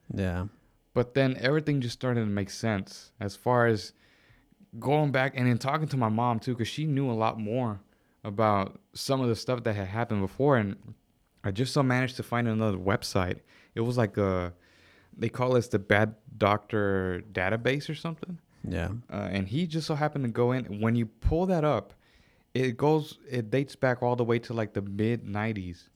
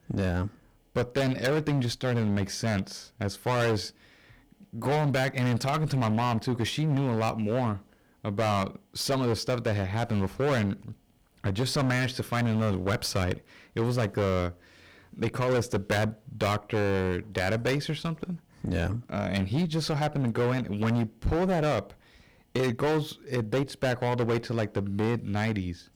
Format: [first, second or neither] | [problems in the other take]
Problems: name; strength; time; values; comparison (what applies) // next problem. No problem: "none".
first | distortion; heavy; 18% of the sound clipped